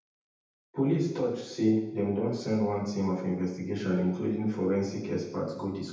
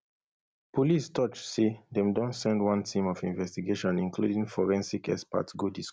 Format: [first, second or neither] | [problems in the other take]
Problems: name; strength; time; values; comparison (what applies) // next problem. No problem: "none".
second | room echo; dies away in 0.8 s